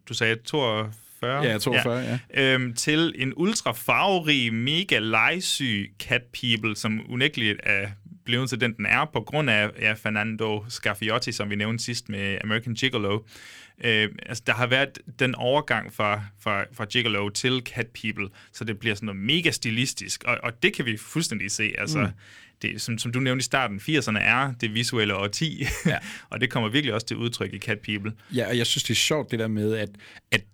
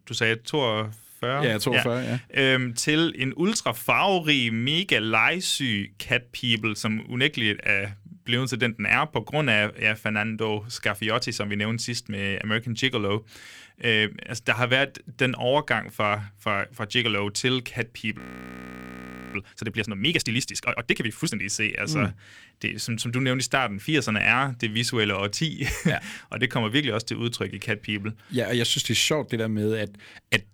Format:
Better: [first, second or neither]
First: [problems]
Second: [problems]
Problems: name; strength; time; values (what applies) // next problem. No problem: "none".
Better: first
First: none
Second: audio freezing; at 18 s for 1 s